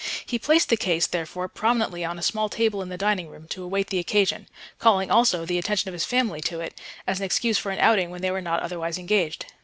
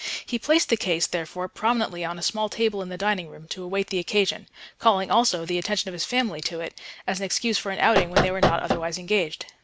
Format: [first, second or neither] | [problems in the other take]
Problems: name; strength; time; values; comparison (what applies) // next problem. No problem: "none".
first | background sound (Knock); 2 dB above the speech